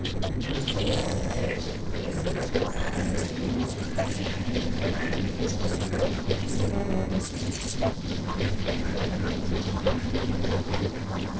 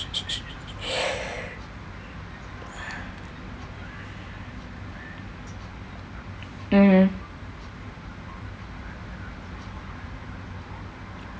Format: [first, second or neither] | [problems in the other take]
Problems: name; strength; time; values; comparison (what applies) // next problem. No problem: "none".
second | noise reduction (neural separator model SepFormer DNS4)